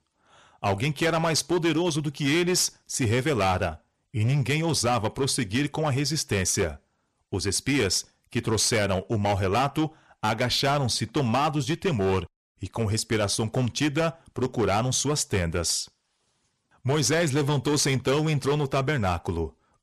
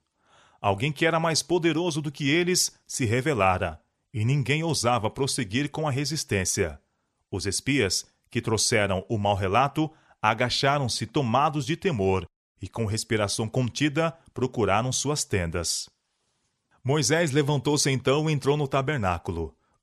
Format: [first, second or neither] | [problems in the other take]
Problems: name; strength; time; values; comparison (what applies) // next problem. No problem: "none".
second | distortion; slight; 11% of the sound clipped